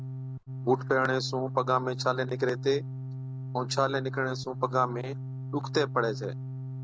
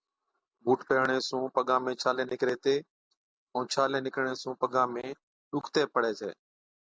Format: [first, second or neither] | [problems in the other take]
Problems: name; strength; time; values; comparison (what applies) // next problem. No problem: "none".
second | background sound (Organ); 6 dB below the speech